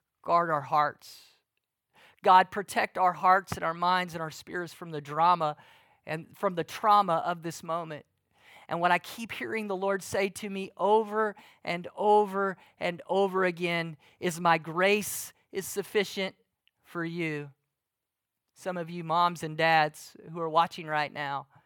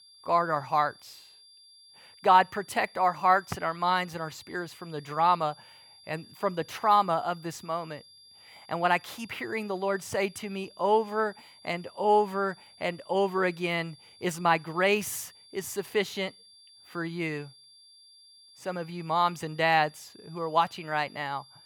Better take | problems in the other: first | high-pitched whine; faint; throughout; 4.5 kHz, 25 dB below the speech

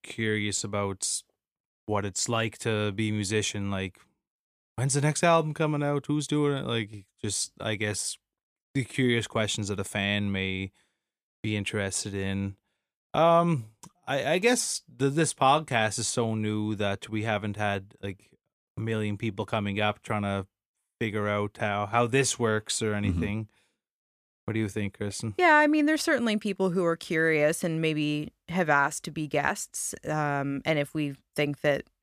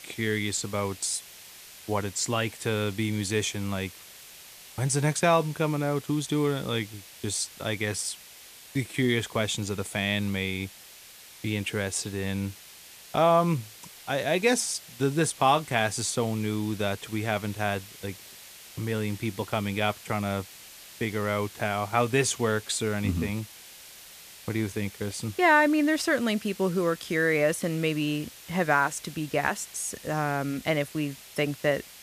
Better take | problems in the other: first | hiss; noticeable; throughout; 15 dB below the speech

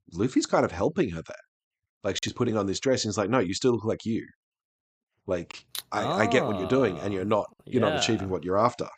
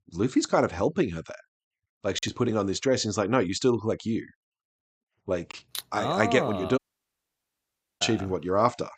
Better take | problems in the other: first | audio cutting out; at 7 s for 1 s

